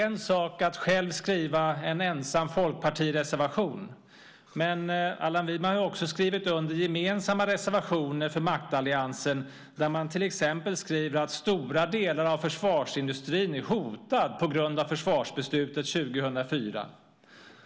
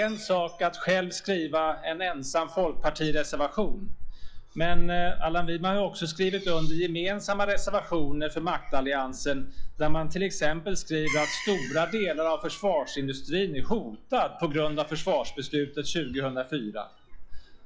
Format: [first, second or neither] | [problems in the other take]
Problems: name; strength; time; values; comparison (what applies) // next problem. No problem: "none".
first | noise reduction (classical method log-MMSE)